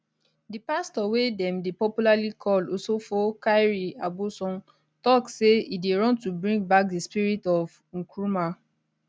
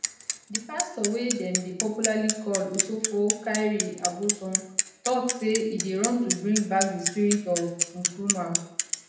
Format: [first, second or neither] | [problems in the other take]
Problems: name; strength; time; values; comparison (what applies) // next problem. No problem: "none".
first | background sound (Bicycle); 2 dB below the speech // room echo; dies away in 0.8 s